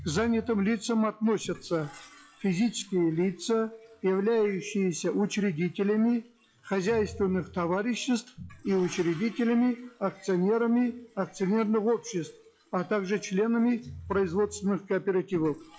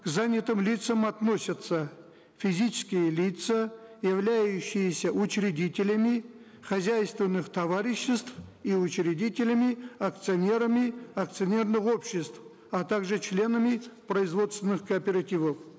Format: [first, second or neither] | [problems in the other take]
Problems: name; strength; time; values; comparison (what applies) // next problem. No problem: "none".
second | noise reduction (classical method log-MMSE)